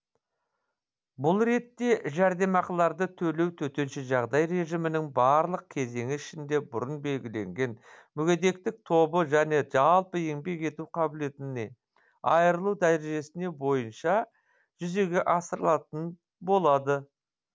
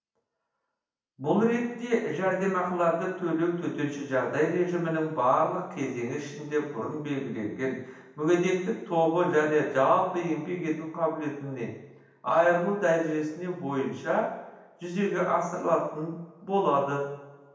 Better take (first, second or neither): first